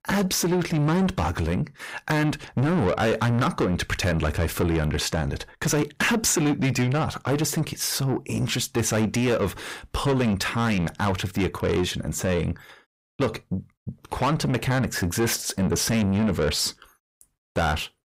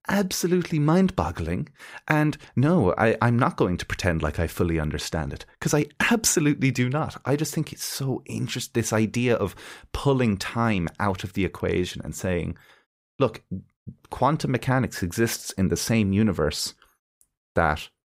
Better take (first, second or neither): second